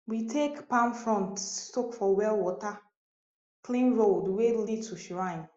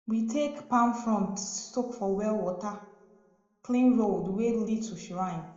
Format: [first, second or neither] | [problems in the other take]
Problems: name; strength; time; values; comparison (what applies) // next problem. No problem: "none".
first | room echo; dies away in 0.9 s